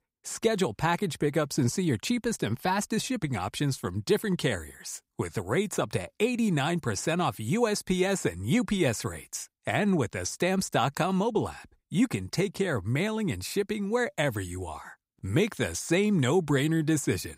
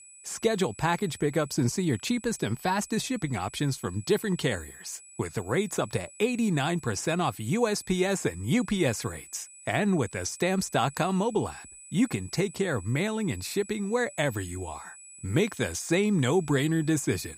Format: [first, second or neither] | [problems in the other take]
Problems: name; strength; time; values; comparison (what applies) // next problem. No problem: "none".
first | high-pitched whine; noticeable; throughout; 8 kHz, 20 dB below the speech